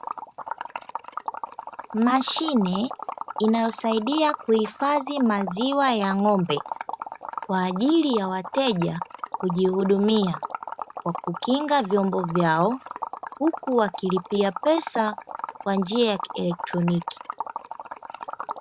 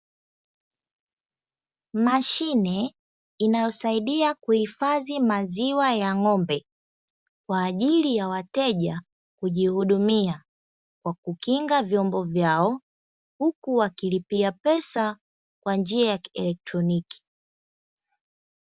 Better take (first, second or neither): second